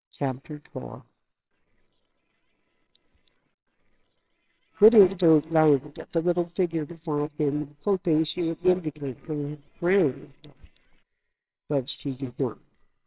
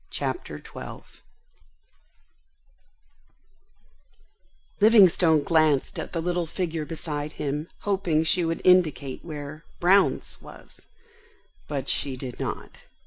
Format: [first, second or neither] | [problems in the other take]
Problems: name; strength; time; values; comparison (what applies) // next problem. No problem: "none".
second | noise reduction (neural separator model SepFormer WHAMR!)